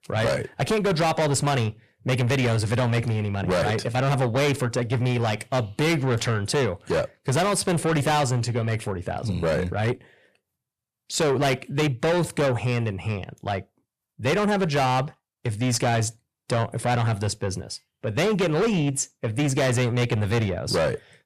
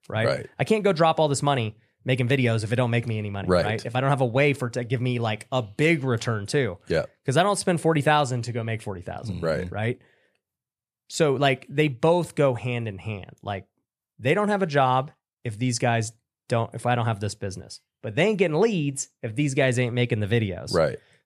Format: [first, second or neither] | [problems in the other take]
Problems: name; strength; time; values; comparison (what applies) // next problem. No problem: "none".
second | distortion; heavy; 6 dB below the speech